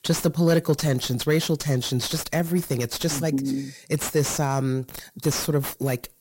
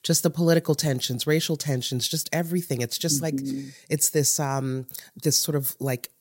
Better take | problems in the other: second | distortion; heavy; 7 dB below the speech

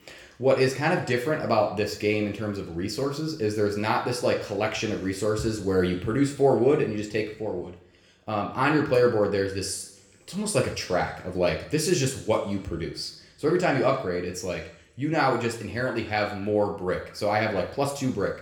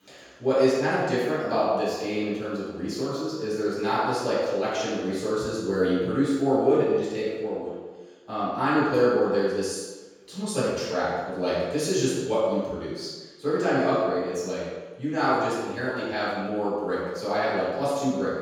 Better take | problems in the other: first | room echo; strong; dies away in 1.2 s; slight in the first // off-mic speech; far; somewhat distant in the first

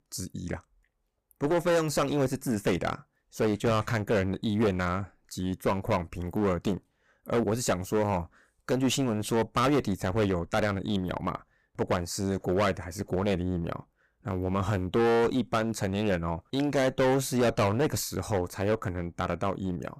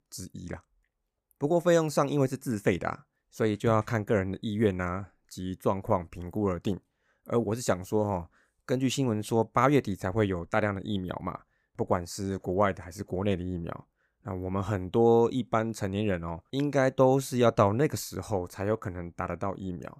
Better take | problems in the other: second | distortion; heavy; 12% of the sound clipped

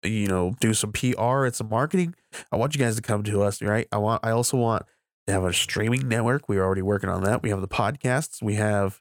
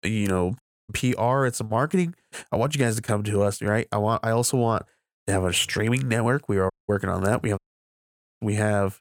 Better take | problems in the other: first | audio cutting out; at 0.5 s, at 6.5 s and at 7.5 s for 1 s

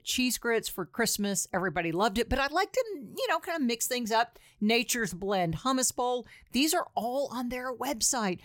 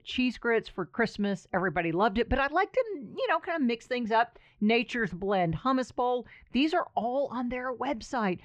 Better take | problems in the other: first | muffled; very; fading above 3 kHz

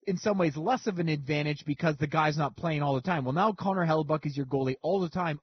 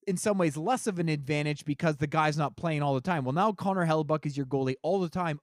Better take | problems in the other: second | garbled, watery; badly; nothing above 6 kHz

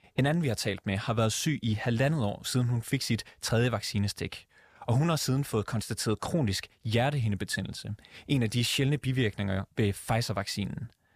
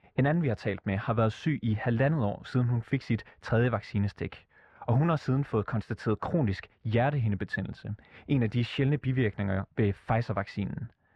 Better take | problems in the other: first | muffled; very; fading above 1.5 kHz

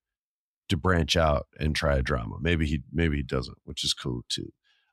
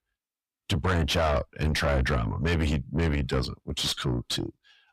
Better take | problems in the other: first | distortion; heavy; 5 dB below the speech

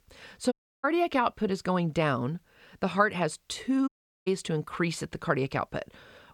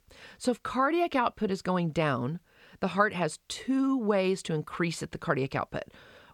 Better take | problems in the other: second | audio cutting out; at 0.5 s and at 4 s

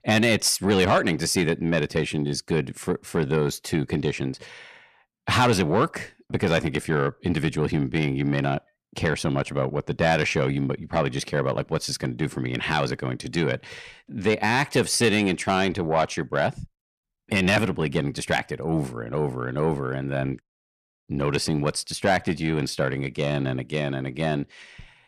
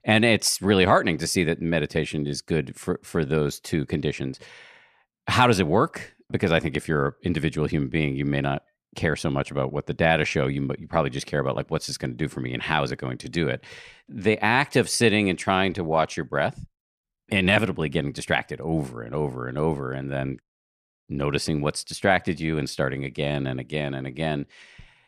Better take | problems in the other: second | distortion; slight; 10 dB below the speech

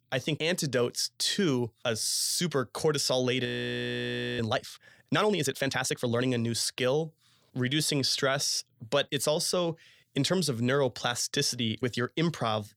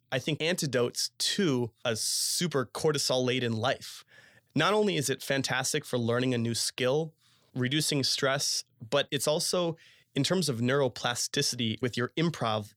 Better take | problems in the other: second | audio freezing; at 3.5 s for 1 s

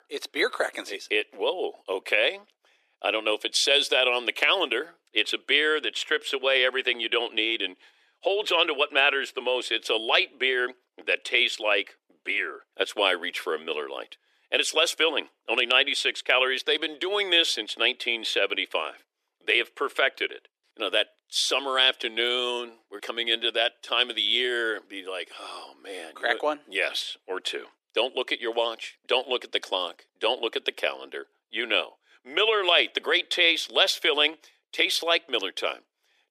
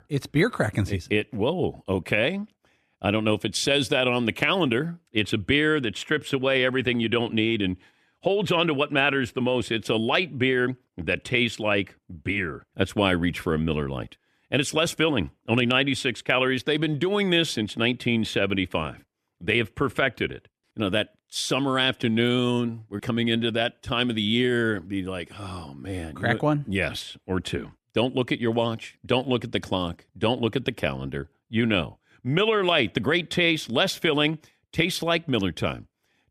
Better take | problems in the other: second | thin; very; fading below 400 Hz

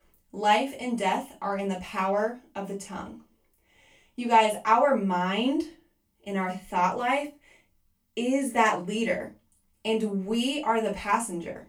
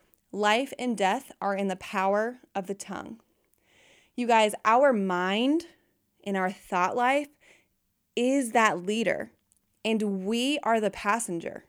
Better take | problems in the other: second | off-mic speech; far // room echo; very slight; dies away in 0.2 s

